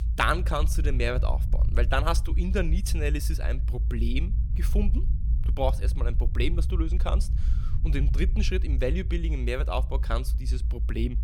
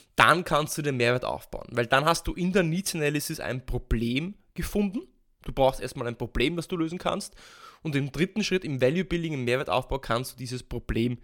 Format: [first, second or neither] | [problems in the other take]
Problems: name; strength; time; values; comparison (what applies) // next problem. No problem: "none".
second | low rumble; noticeable; throughout; 15 dB below the speech